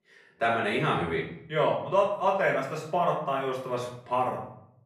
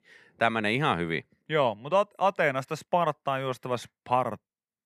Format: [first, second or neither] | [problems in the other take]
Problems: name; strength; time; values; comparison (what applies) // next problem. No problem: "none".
second | off-mic speech; far // room echo; noticeable; dies away in 0.6 s